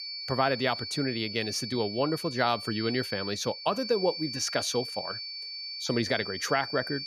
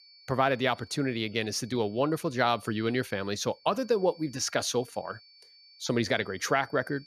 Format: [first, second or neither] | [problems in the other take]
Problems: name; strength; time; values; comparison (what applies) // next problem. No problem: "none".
second | high-pitched whine; loud; throughout; 4.5 kHz, 6 dB below the speech; faint in the second